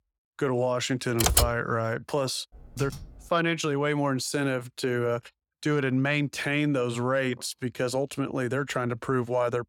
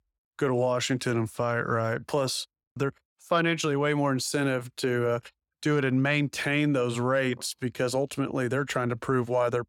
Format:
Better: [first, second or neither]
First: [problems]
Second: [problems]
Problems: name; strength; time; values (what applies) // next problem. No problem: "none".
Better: second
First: keyboard typing; loud; at 1 s; peak 6 dB above the speech // keyboard typing; faint; at 2.5 s; peak 10 dB below the speech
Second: none